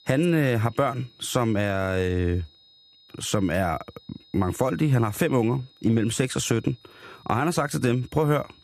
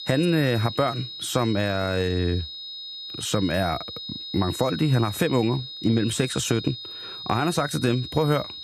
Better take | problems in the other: first | high-pitched whine; loud; throughout; 4 kHz, 9 dB below the speech; faint in the first

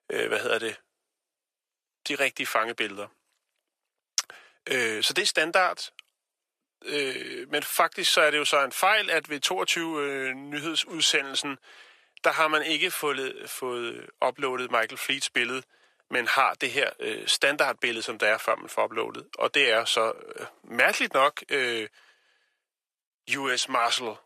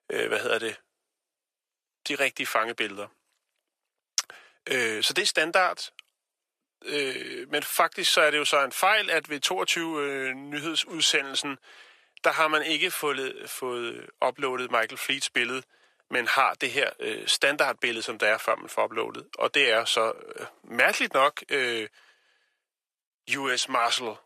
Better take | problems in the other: neither | thin; very; fading below 650 Hz; the same in both

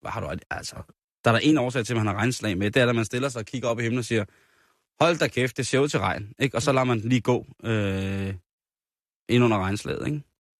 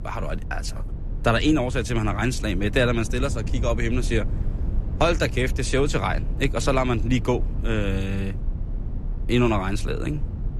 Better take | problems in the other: first | low rumble; noticeable; throughout; 20 dB below the speech

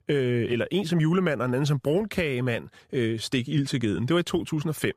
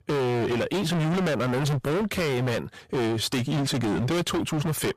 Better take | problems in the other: first | distortion; heavy; 43% of the sound clipped

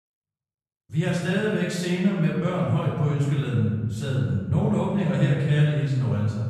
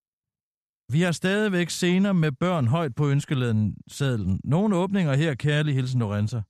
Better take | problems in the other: second | off-mic speech; far // room echo; noticeable; dies away in 1.5 s

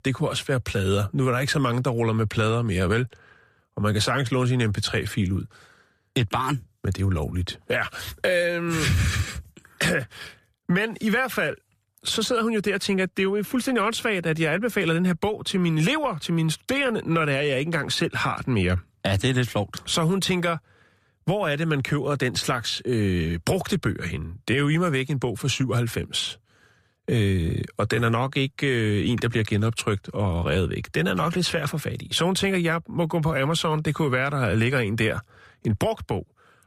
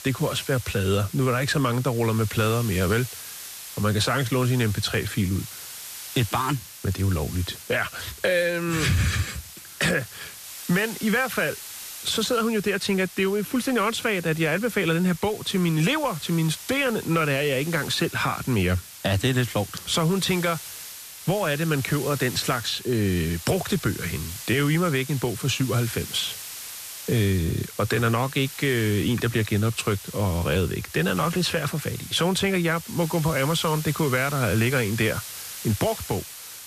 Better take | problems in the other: first | hiss; noticeable; throughout; 10 dB below the speech

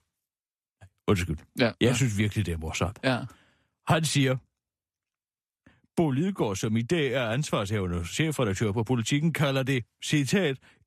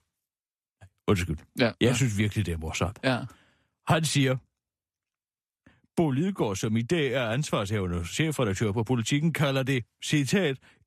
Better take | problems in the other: neither | none

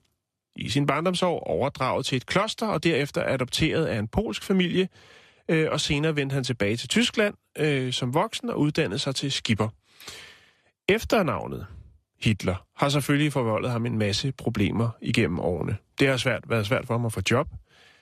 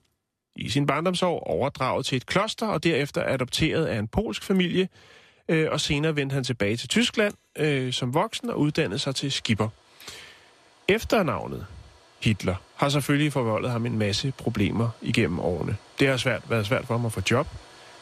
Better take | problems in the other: first | household noises; faint; throughout; 25 dB below the speech

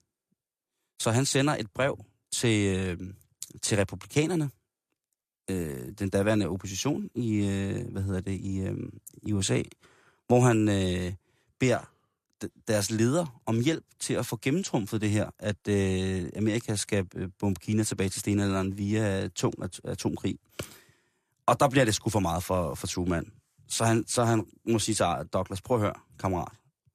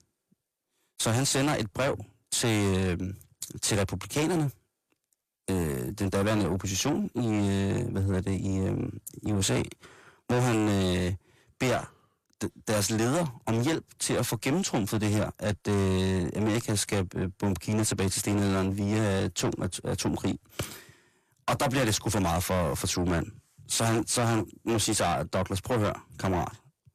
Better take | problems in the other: first | distortion; heavy; 7 dB below the speech

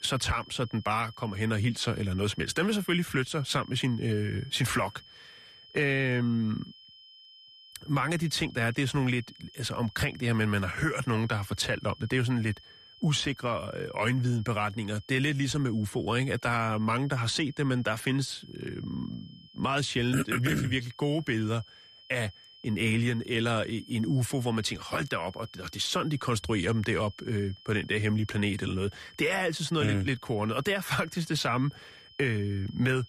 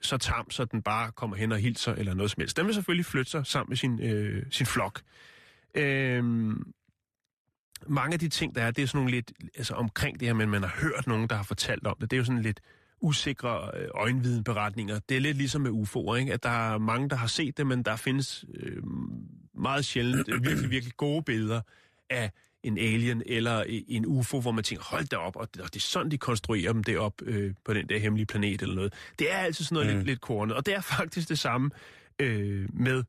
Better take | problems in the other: second | high-pitched whine; faint; throughout; 3 kHz, 20 dB below the speech

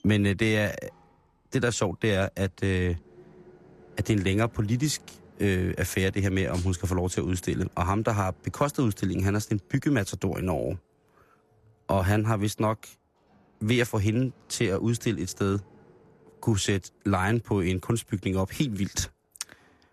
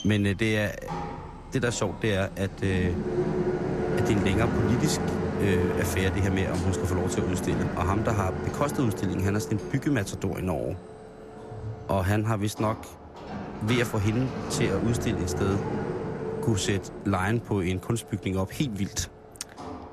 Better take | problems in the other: first | household noises; loud; throughout; 4 dB below the speech; faint in the first

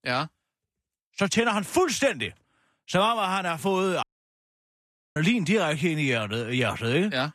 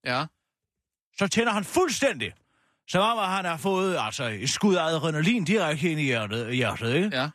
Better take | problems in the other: second | audio cutting out; at 4 s for 1 s

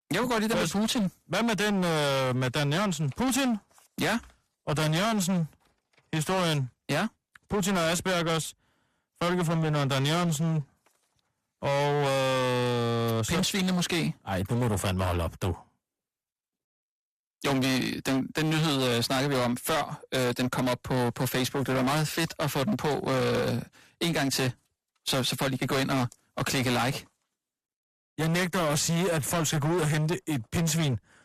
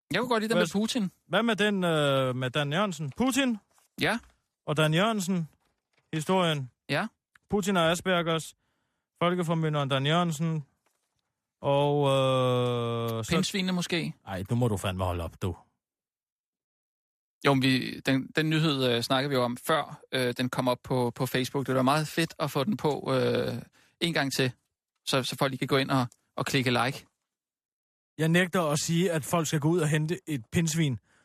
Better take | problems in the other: second | distortion; heavy; 27% of the sound clipped

